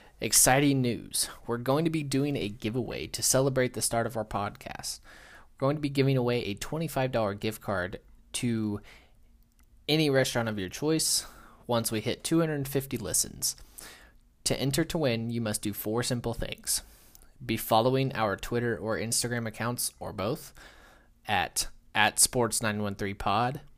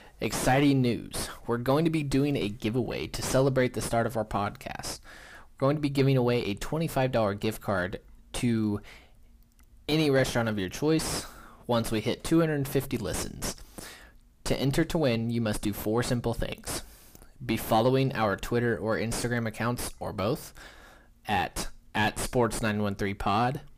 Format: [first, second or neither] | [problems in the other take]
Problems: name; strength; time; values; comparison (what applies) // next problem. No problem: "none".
first | distortion; heavy; 3 dB below the speech